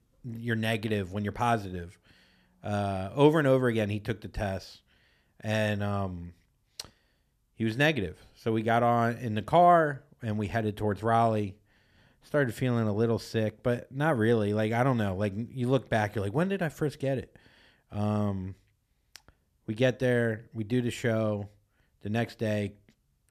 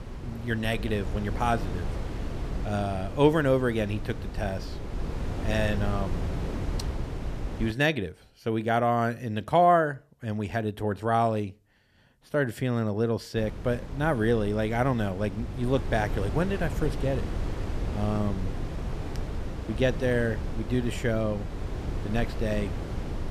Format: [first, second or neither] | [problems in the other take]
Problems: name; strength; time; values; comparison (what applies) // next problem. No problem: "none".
first | wind noise on the microphone; occasional gusts; until 7.5 s and from 13 s on; 15 dB below the speech